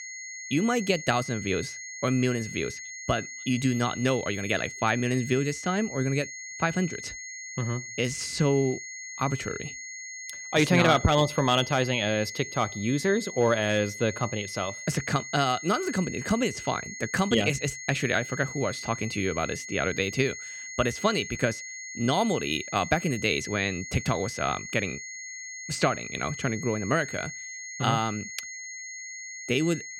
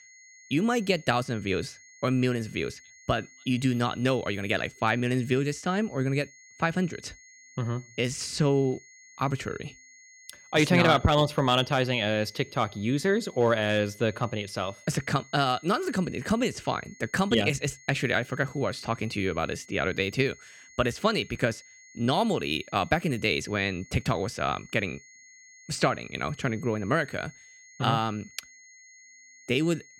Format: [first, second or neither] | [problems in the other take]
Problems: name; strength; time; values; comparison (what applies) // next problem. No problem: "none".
second | high-pitched whine; loud; throughout; 2 kHz, 10 dB below the speech; faint in the second